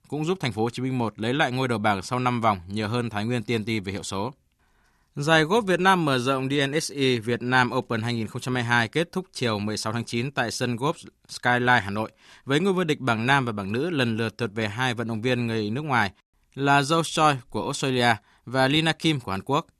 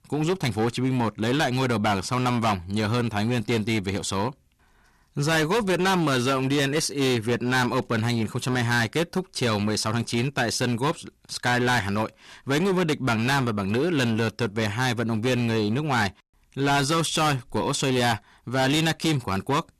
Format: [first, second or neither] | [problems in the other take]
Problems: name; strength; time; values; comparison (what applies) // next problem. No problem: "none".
first | distortion; heavy; 17% of the sound clipped